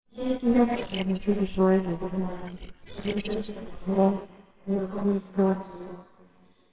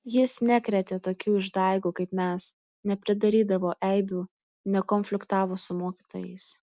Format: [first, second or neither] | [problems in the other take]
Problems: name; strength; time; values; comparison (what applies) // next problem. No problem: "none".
second | noise reduction (neural separator model SepFormer WHAMR!)